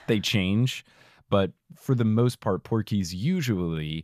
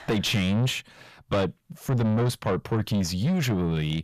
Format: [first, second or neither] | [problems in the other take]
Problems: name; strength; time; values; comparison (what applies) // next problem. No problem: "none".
first | distortion; heavy; 7 dB below the speech